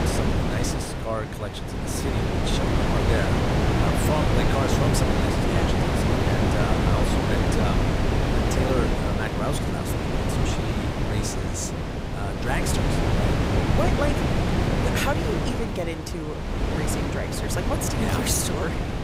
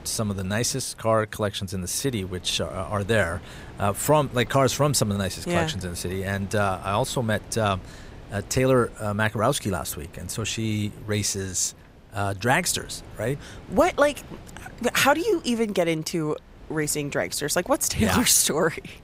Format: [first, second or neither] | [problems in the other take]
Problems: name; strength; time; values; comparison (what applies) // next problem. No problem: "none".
second | wind noise on the microphone; heavy; 4 dB above the speech; occasional gusts in the second